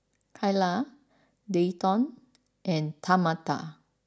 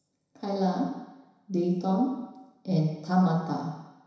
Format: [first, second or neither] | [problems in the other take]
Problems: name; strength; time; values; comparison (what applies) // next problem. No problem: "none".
first | room echo; dies away in 1 s